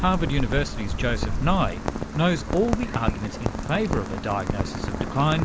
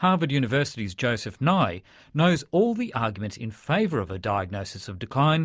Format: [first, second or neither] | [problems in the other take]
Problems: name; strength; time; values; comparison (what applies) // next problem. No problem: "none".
second | background sound (Rain); 2 dB below the speech